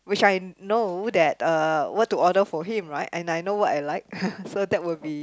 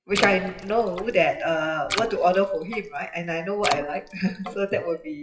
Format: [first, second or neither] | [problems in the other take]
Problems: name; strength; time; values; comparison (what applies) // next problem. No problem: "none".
first | noise reduction (classical method WPE with log-MMSE)